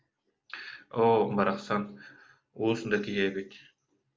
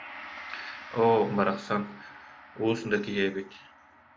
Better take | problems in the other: first | background sound (Gong); 16 dB below the speech

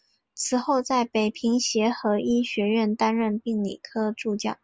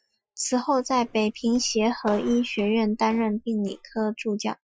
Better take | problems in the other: first | noise reduction (classical method Wiener filter)

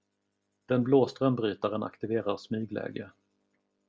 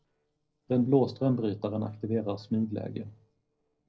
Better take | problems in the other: first | noise reduction (neural separator model SepFormer DNS4)

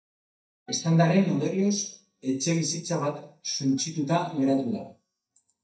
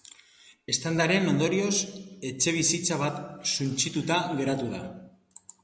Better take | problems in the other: second | noise reduction (neural mask model DeepFilterNet 3)

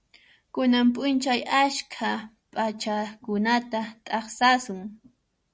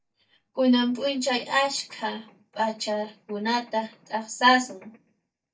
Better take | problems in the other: first | noise reduction (neural mask model DeepFilterNet 3)

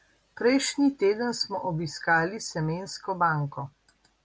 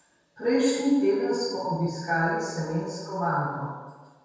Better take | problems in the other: first | room echo; dies away in 1.2 s

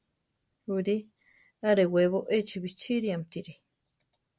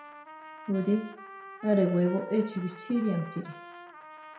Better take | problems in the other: first | background sound (Trumpet); 16 dB below the speech // room echo; dies away in 0.6 s

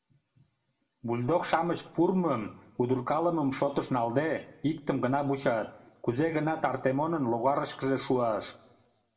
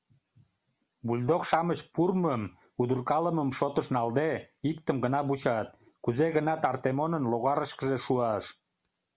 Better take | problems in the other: second | room echo; dies away in 0.7 s

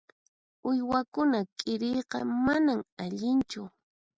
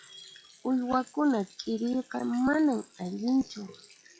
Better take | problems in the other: first | noise reduction (classical method log-MMSE)

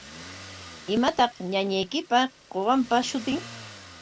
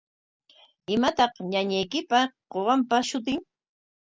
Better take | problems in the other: second | background sound (Motor vehicle (road)); 18 dB below the speech

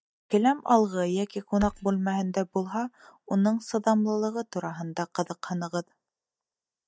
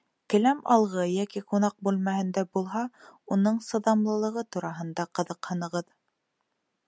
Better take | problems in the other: second | noise reduction (neural mask model DeepFilterNet 3)

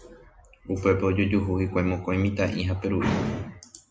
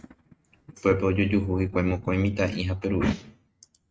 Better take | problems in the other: first | noise reduction (neural mask model RNNoise)

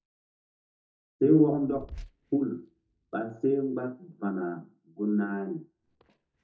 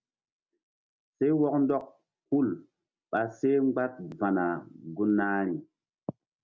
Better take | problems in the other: second | noise reduction (neural mask model DeepFilterNet 3)

